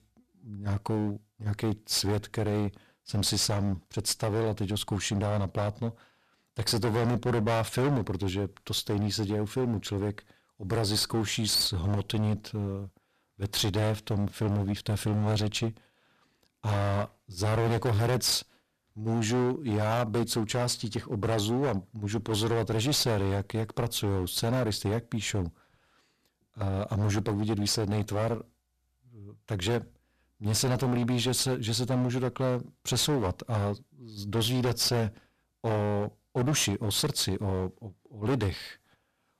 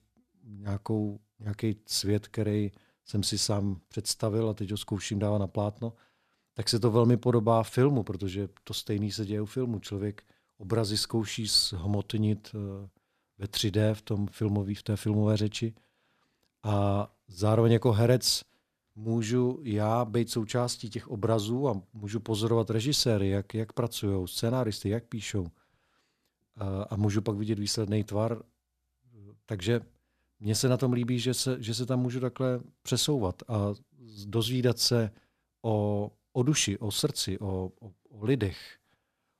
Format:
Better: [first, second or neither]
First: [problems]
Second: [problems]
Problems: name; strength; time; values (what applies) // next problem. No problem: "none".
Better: second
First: distortion; heavy; 14% of the sound clipped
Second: none